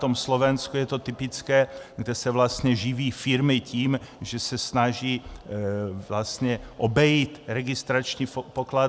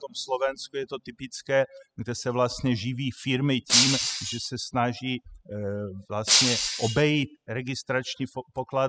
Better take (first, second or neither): first